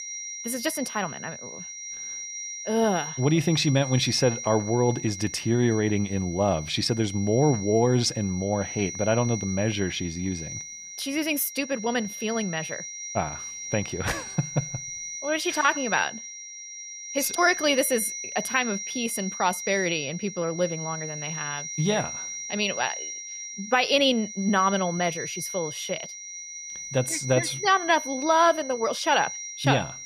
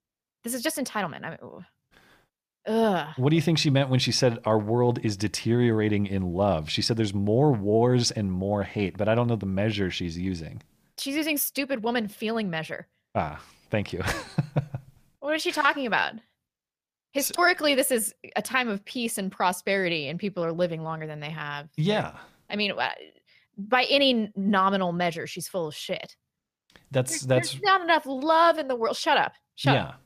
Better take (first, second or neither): second